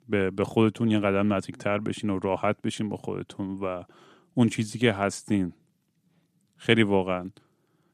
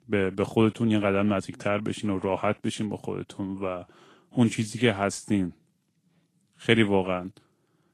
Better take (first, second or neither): first